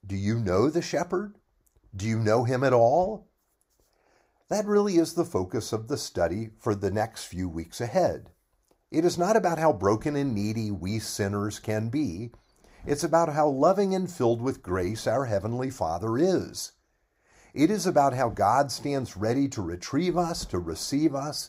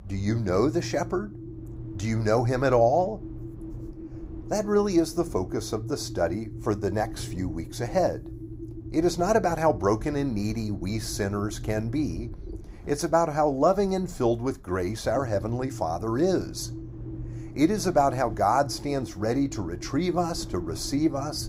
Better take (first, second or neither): first